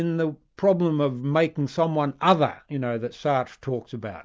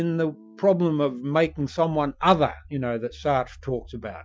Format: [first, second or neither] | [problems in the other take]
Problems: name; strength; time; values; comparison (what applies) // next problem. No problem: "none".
first | noise reduction (classical method Wiener filter)